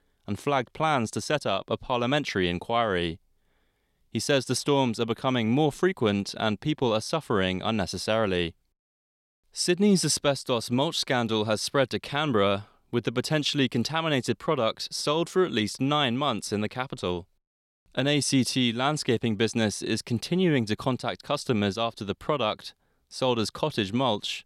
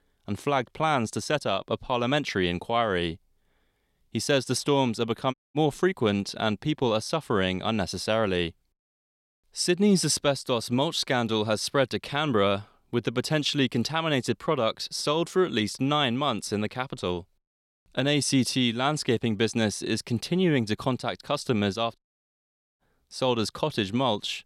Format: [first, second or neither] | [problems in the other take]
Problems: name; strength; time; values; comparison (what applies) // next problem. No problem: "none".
first | audio cutting out; at 5.5 s and at 22 s for 1 s